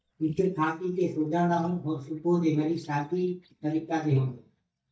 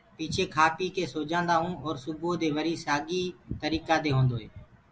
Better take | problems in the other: second | noise reduction (neural mask model DeepFilterNet 3)

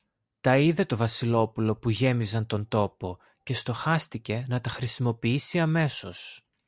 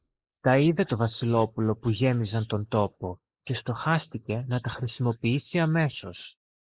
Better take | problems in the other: first | noise reduction (neural mask model Resemble Enhance denoiser)

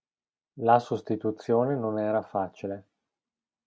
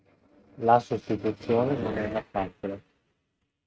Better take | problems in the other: first | noise reduction (neural mask model RNNoise)

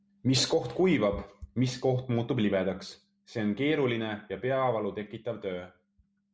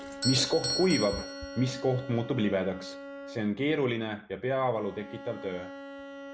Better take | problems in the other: first | background sound (Doorbell + Bowed string instrument); 9 dB below the speech

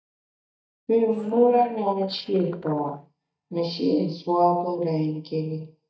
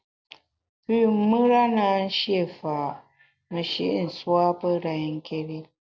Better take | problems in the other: second | noise reduction (neural mask model DeepFilterNet 3)

